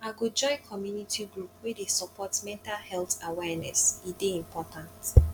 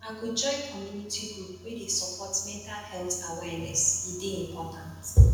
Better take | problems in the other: first | room echo; dies away in 1 s

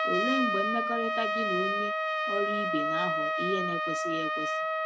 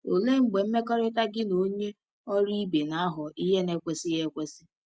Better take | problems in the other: second | background sound (Trumpet); 5 dB above the speech

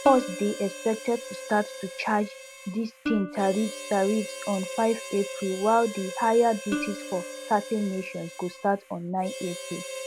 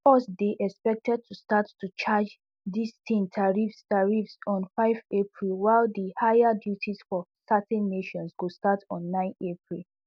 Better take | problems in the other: second | background sound (Plucked string instrument + Harmonica); 10 dB below the speech

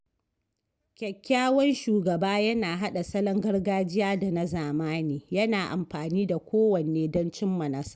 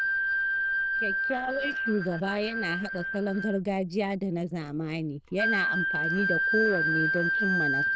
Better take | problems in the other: first | noise reduction (neural diffusion model UNIVERSE++)

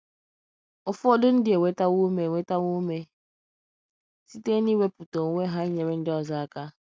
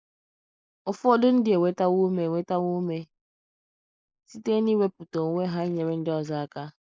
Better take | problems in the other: first | noise reduction (neural mask model Resemble Enhance denoiser)

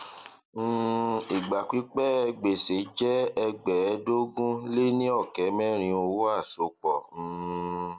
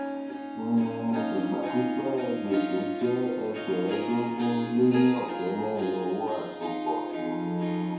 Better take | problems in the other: first | background sound (Harp); 5 dB below the speech // room echo; dies away in 0.9 s

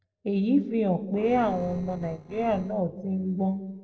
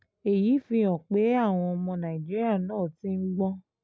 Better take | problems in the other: second | noise reduction (neural separator model SepFormer DNS4)

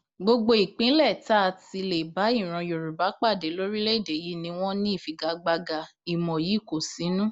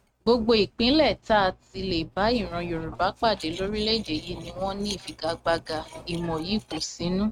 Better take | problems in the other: first | noise reduction (neural mask model RNNoise)

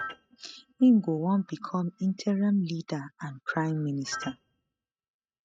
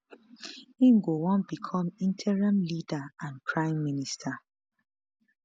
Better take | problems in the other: second | noise reduction (neural mask model RNNoise)

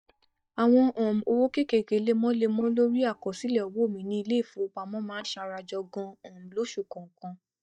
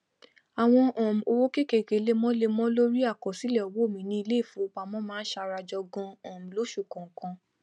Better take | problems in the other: second | noise reduction (neural mask model DeepFilterNet 3)

